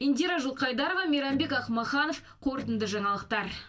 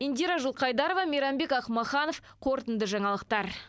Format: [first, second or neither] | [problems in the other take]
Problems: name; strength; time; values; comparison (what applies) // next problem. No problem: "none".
second | background sound (Electric guitar); 17 dB below the speech // room echo; dies away in 0.2 s